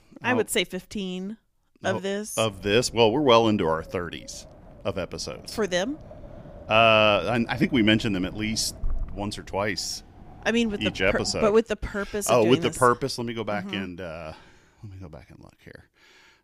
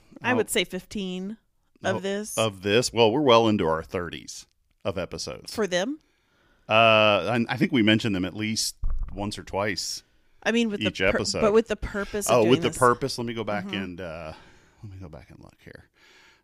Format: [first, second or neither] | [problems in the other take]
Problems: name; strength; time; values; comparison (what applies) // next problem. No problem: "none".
second | wind noise on the microphone; occasional gusts; from 2.5 to 11 s; 25 dB below the speech